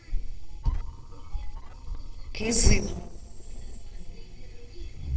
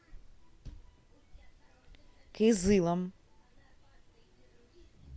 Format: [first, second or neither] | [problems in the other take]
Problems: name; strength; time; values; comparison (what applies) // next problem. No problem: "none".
second | noise reduction (neural separator model SepFormer DNS4)